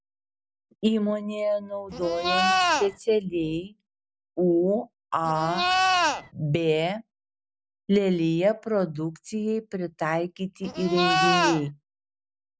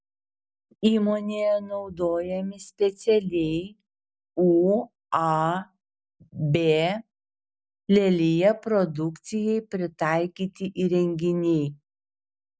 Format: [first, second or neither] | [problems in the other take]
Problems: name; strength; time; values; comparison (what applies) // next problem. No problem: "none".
second | background sound (Livestock, farm animals, working animals); 3 dB above the speech